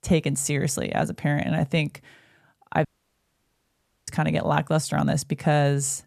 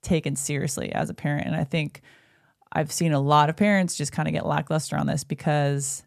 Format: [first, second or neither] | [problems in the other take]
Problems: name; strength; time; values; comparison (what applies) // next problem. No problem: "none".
second | audio cutting out; at 3 s for 1 s